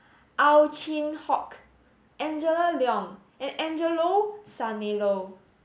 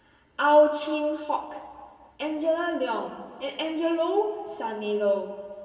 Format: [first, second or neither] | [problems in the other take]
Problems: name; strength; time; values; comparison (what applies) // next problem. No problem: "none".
first | room echo; dies away in 2 s